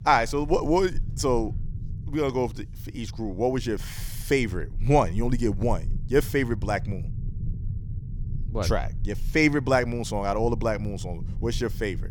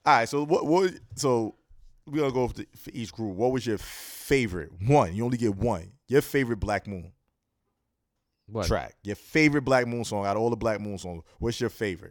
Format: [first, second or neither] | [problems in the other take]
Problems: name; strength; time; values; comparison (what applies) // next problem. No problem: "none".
second | low rumble; faint; throughout; 25 dB below the speech